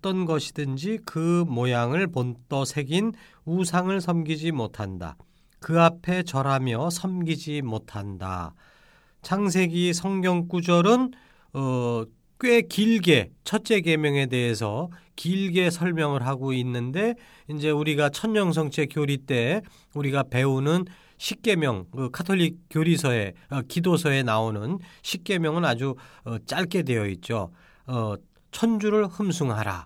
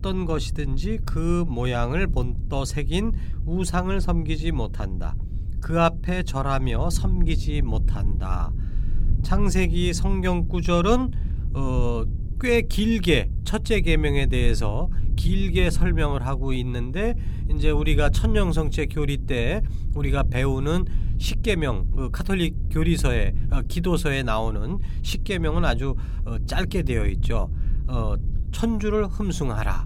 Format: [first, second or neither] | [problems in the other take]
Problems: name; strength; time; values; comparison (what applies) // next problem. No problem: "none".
first | low rumble; noticeable; throughout; 15 dB below the speech